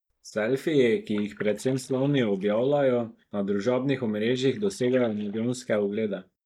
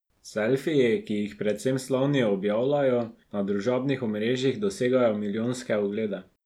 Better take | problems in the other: second | noise reduction (neural mask model DeepFilterNet 3)

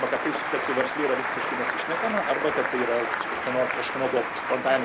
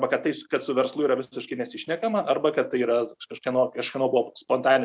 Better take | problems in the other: second | background sound (Applause); 1 dB below the speech

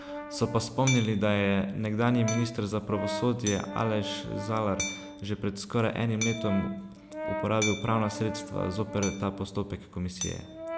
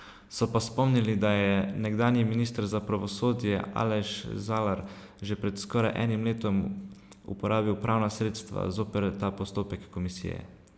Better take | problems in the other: second | background sound (Brass instrument + Hammer); 8 dB below the speech

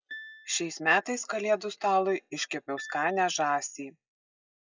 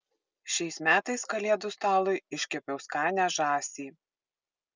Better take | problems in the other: second | noise reduction (classical method log-MMSE)

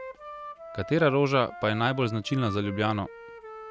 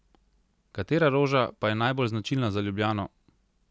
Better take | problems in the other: second | background sound (Wind instrument, woodwind instrument); 14 dB below the speech

